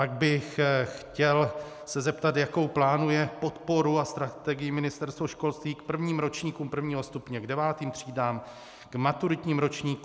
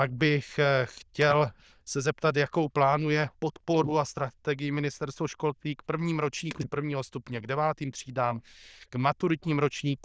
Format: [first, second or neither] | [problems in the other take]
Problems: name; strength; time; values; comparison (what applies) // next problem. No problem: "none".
first | noise reduction (neural diffusion model UNIVERSE++)